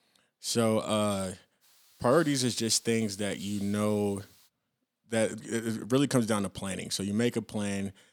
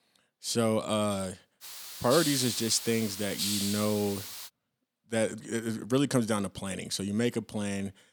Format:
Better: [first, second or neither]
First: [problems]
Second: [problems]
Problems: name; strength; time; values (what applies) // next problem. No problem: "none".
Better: first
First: hiss; faint; from 1.5 to 4.5 s; 25 dB below the speech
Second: hiss; loud; from 1.5 to 4.5 s; 4 dB below the speech